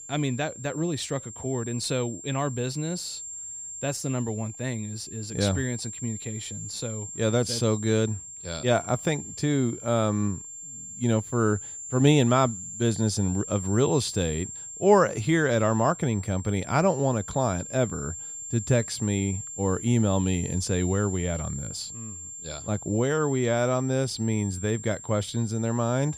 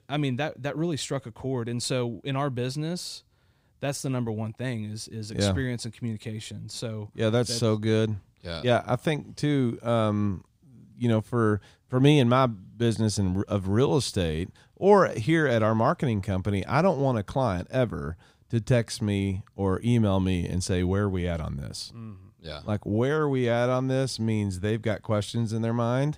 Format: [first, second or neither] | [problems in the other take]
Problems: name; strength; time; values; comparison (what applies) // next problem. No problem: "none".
second | high-pitched whine; noticeable; throughout; 7.5 kHz, 10 dB below the speech